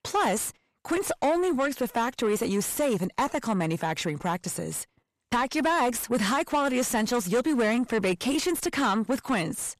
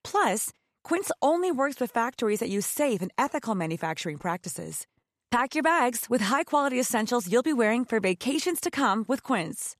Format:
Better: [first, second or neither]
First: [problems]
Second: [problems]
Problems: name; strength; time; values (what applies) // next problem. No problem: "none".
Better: second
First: distortion; slight; 10 dB below the speech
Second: none